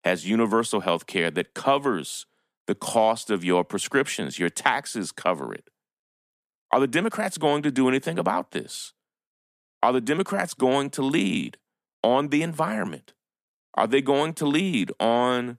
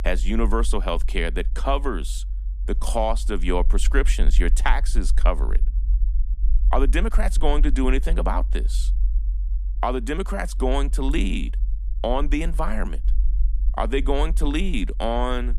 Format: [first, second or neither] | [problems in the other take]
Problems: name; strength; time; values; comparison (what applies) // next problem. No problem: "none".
first | low rumble; faint; throughout; 20 dB below the speech